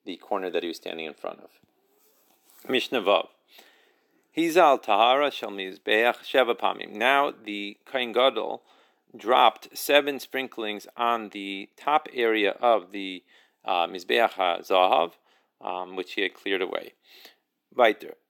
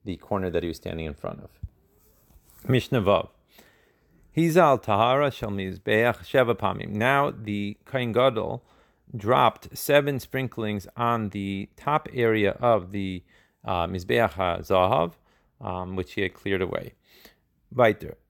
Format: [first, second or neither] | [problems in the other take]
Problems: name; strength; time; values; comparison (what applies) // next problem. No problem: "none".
second | thin; somewhat; fading below 300 Hz